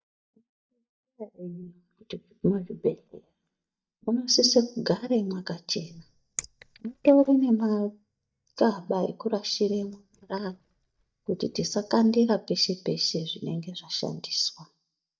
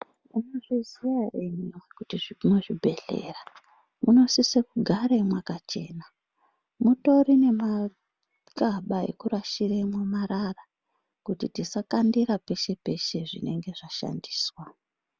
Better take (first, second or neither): second